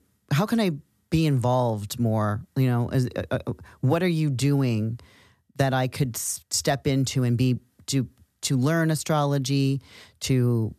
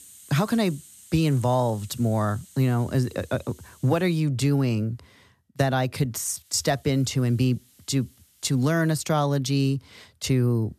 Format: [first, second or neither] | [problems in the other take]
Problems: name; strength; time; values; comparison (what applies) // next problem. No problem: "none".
first | hiss; faint; until 4 s and from 6.5 to 9 s; 25 dB below the speech